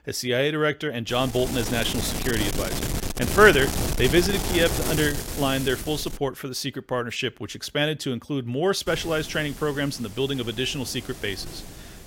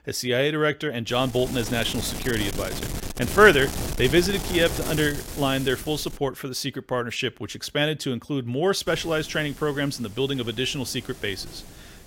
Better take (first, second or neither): second